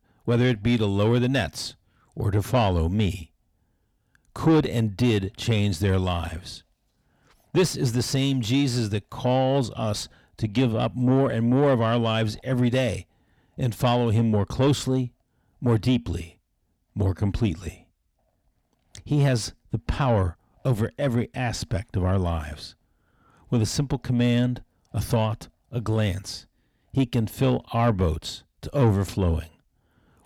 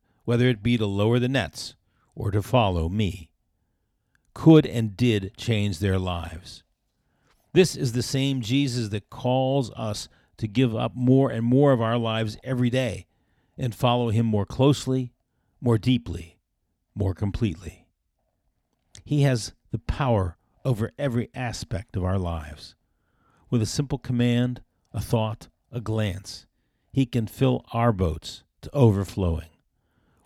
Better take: second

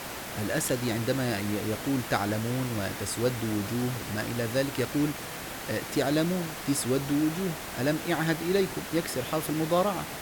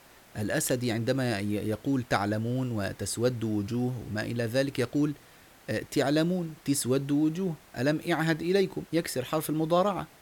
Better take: second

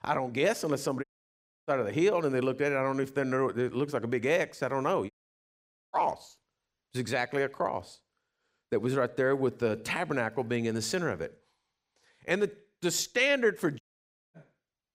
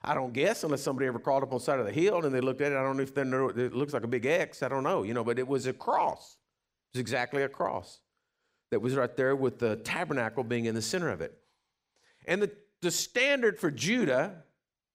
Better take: second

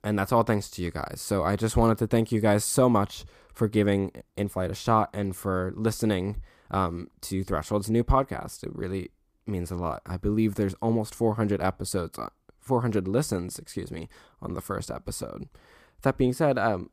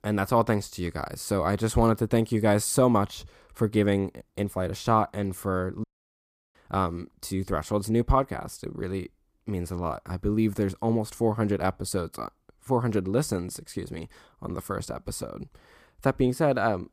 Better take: first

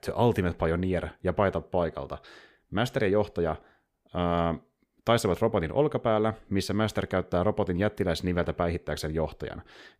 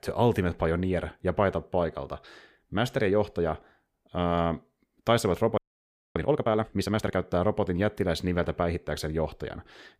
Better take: first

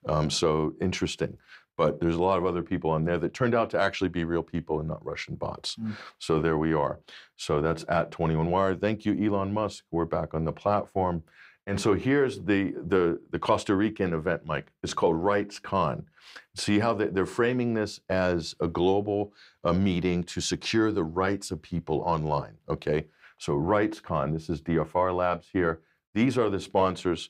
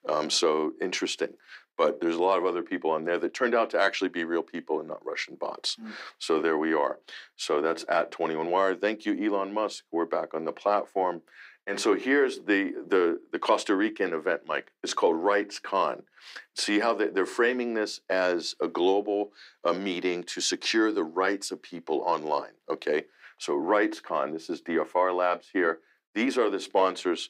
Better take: first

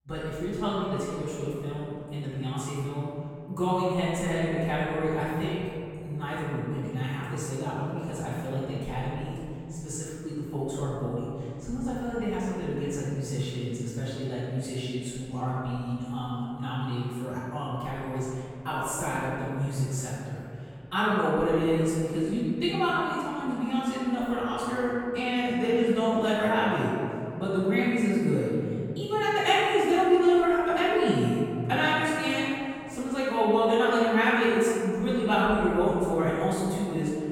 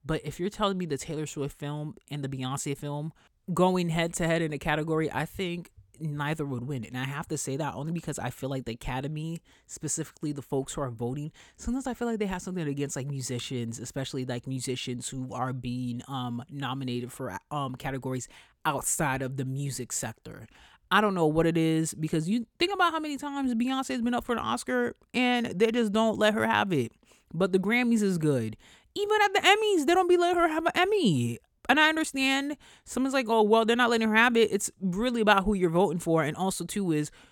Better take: second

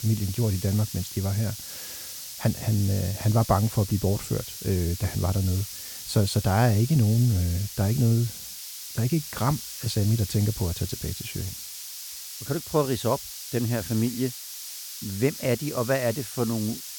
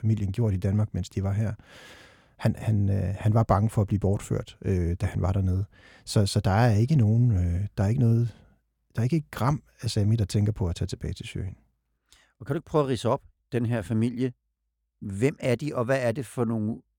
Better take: second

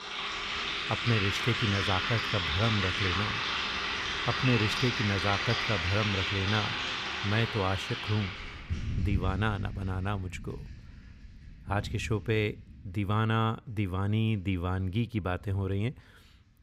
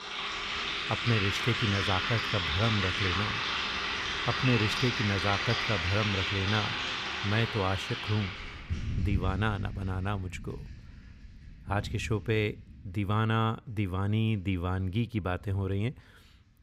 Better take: neither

